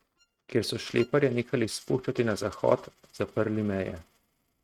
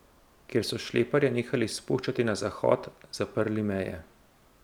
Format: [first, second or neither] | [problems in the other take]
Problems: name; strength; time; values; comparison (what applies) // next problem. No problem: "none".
second | noise reduction (neural mask model RNNoise)